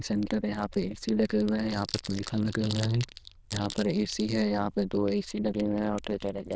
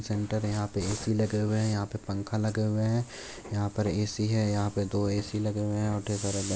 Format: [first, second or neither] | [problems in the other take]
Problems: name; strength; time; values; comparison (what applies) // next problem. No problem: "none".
second | noise reduction (neural diffusion model UNIVERSE++)